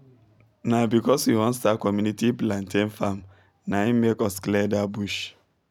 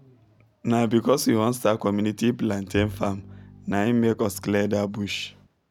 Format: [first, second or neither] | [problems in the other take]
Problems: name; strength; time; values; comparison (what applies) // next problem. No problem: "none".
first | background sound (Bowed string instrument); 14 dB below the speech